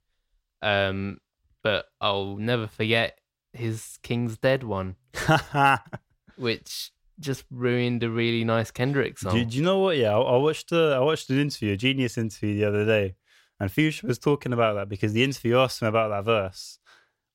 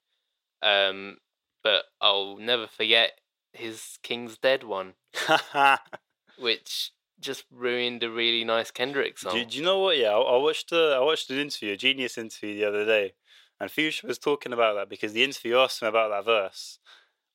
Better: first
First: none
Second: thin; somewhat; fading below 450 Hz

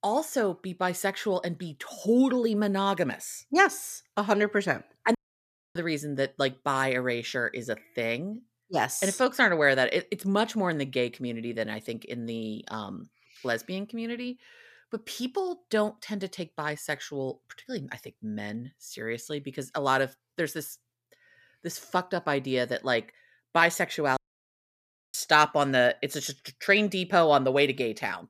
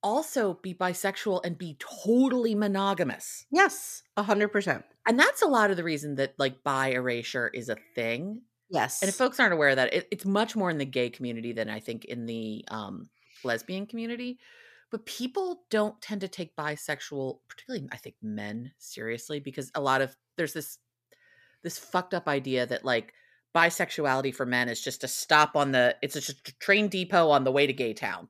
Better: second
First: audio cutting out; at 5 s for 0.5 s and at 24 s for 1 s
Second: none

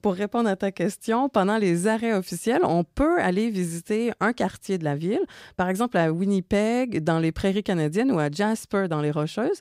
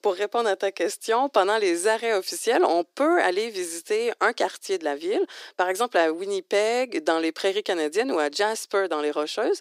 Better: first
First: none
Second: thin; very; fading below 300 Hz

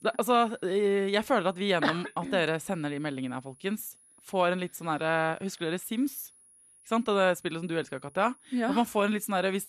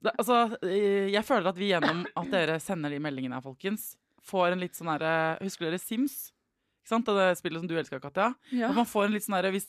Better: second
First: high-pitched whine; faint; throughout; 10.5 kHz, 25 dB below the speech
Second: none

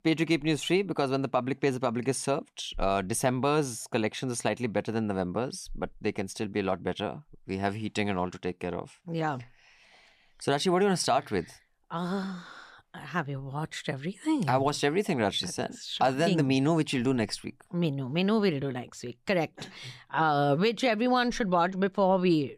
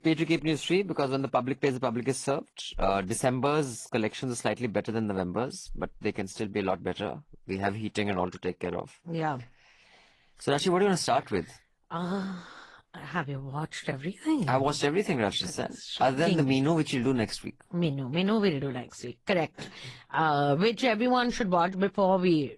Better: first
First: none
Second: garbled, watery; slightly

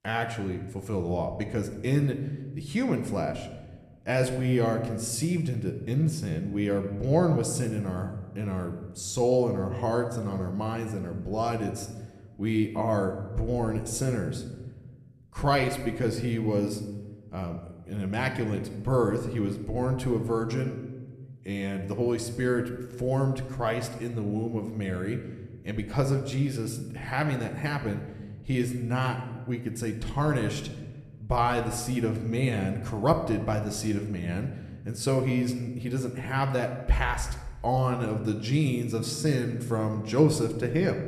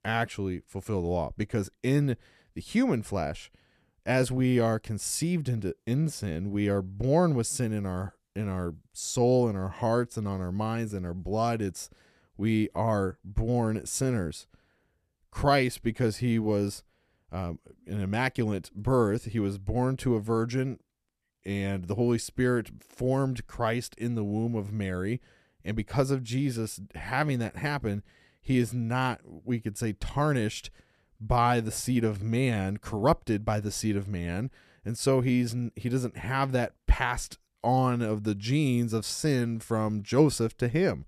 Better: second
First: room echo; slight; dies away in 1 s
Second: none

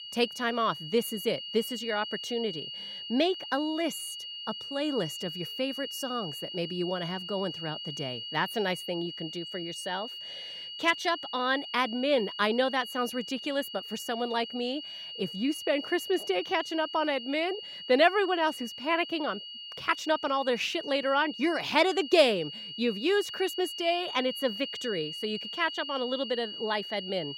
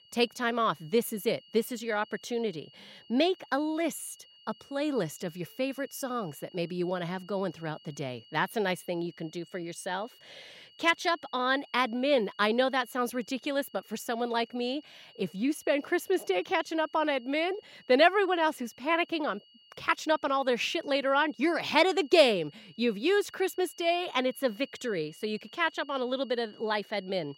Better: second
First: high-pitched whine; loud; throughout; 3 kHz, 8 dB below the speech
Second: high-pitched whine; faint; throughout; 3 kHz, 25 dB below the speech

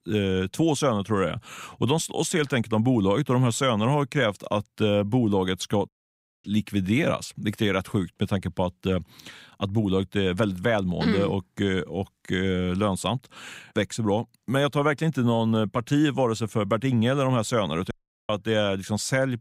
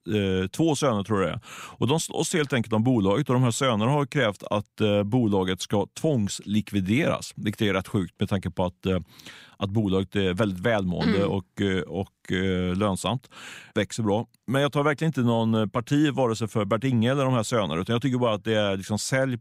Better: second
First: audio cutting out; at 6 s for 0.5 s and at 18 s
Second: none

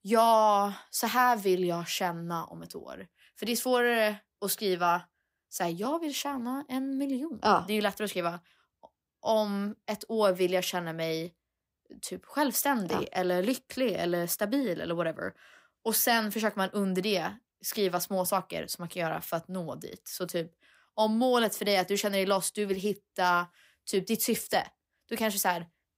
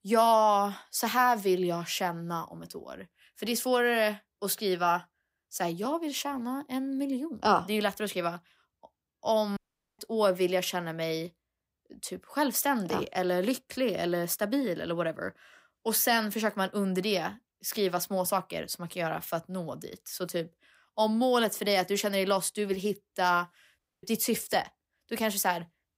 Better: first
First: none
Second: audio cutting out; at 9.5 s and at 24 s

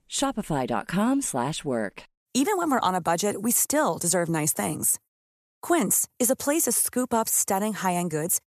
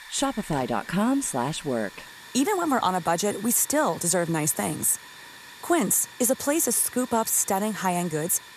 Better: first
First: none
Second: hiss; noticeable; throughout; 20 dB below the speech

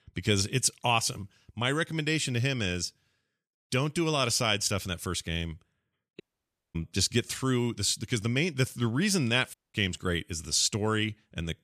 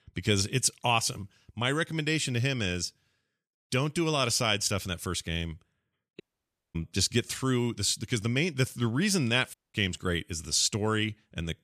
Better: neither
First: audio cutting out; at 6 s for 0.5 s and at 9.5 s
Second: audio cutting out; at 6 s for 0.5 s and at 9.5 s

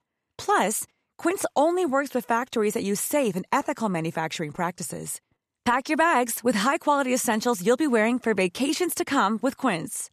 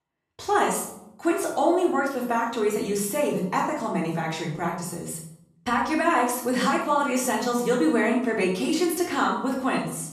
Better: first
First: none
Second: off-mic speech; far // room echo; noticeable; dies away in 0.6 s

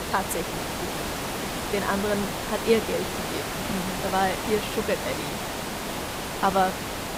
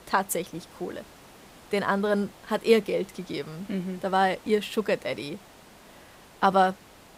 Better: second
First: hiss; loud; throughout; 2 dB below the speech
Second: hiss; faint; throughout; 25 dB below the speech

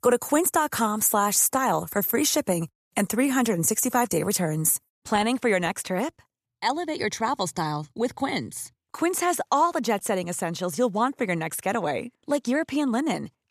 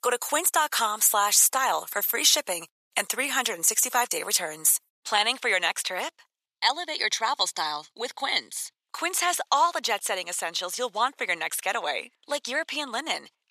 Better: first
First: none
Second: thin; very; fading below 700 Hz

